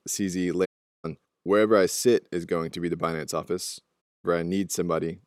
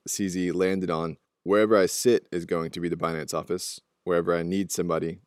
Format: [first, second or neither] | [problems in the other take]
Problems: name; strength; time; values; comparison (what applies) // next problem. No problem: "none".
second | audio cutting out; at 0.5 s and at 4 s